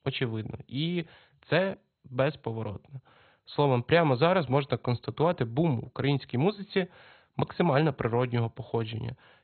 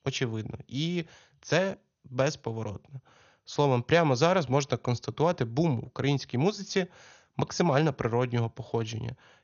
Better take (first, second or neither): second